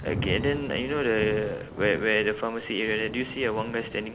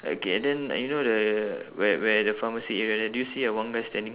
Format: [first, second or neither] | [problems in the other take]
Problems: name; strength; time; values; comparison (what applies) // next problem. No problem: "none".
second | background sound (Thunder / Rain); 9 dB below the speech